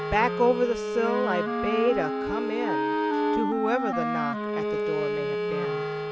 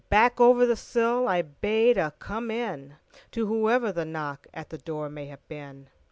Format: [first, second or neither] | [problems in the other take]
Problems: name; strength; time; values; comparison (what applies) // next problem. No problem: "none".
second | background sound (Bowed string instrument + Wind instrument, woodwind instrument); 1 dB above the speech